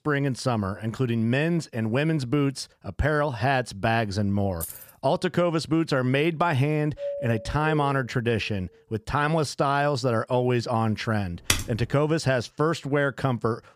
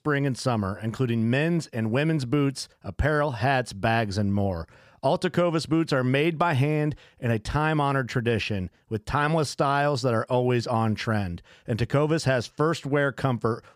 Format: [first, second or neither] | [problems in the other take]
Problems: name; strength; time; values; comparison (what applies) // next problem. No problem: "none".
second | jangling keys; noticeable; at 4.5 s; peak 10 dB below the speech // doorbell; noticeable; from 7 to 8 s; peak 7 dB below the speech // keyboard typing; noticeable; at 12 s; peak level with the speech